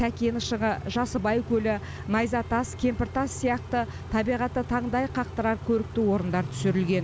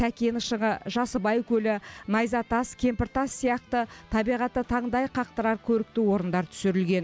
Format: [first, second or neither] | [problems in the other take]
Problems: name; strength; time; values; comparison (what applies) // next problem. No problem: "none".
second | background sound (Idling / Accelerating, revving, vroom / Car); 10 dB below the speech